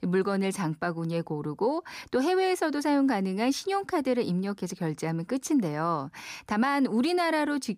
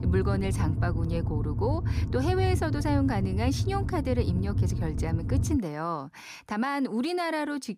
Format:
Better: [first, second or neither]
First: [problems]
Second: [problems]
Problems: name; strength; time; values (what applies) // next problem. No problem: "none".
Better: first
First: none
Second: low rumble; loud; until 5.5 s; 10 dB below the speech